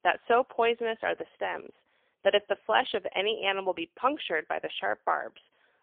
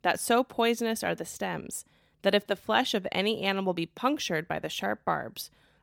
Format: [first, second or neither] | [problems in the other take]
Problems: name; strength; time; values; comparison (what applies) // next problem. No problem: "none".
second | phone-call audio; poor line; nothing above 3.5 kHz